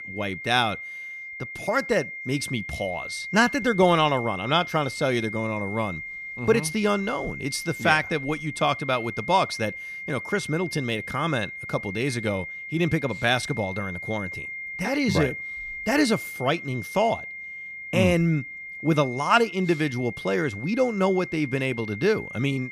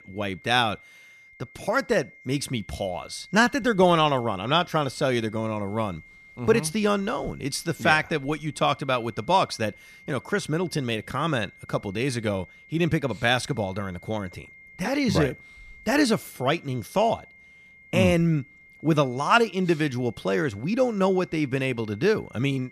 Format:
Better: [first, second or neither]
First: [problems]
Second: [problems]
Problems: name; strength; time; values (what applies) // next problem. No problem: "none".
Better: second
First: high-pitched whine; loud; throughout; 2 kHz, 9 dB below the speech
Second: high-pitched whine; faint; throughout; 2 kHz, 25 dB below the speech